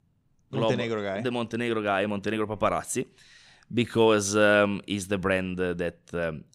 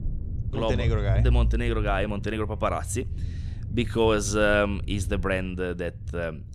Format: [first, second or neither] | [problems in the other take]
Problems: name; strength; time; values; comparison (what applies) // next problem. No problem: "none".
first | low rumble; noticeable; throughout; 20 dB below the speech